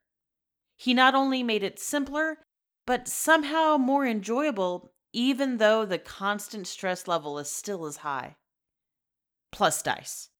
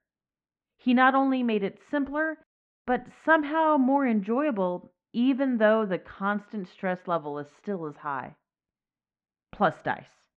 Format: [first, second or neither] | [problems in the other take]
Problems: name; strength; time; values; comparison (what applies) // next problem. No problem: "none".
first | muffled; very; fading above 2 kHz